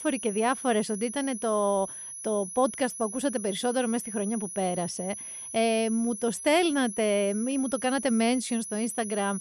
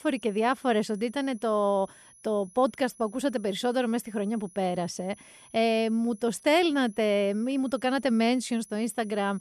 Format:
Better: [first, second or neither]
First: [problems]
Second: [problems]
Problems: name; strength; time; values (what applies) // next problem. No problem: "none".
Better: second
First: high-pitched whine; loud; throughout; 10.5 kHz, 8 dB below the speech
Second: high-pitched whine; faint; throughout; 10.5 kHz, 25 dB below the speech